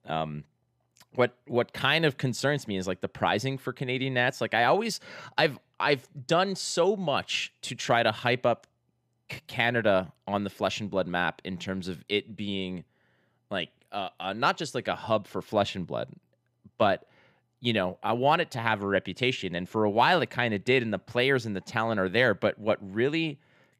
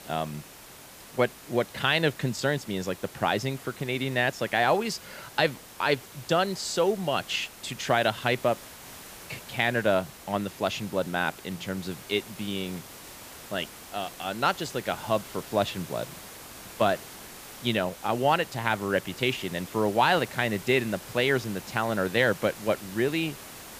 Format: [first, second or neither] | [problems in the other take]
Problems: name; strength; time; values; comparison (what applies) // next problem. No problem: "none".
first | hiss; noticeable; throughout; 15 dB below the speech